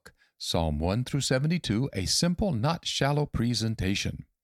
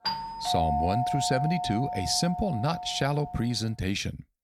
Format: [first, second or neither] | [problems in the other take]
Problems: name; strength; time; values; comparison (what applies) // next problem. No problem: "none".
first | doorbell; loud; until 3.5 s; peak 2 dB above the speech